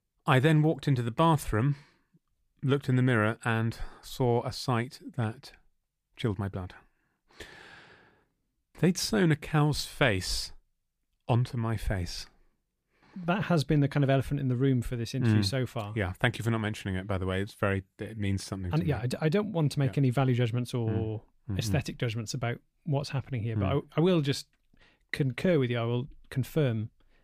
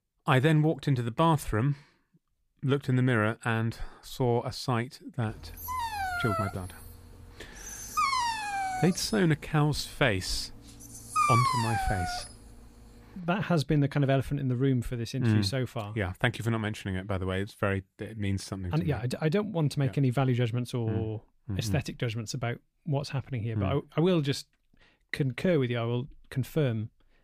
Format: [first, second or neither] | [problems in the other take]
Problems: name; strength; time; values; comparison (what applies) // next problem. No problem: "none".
first | dog barking; loud; from 5.5 to 12 s; peak 5 dB above the speech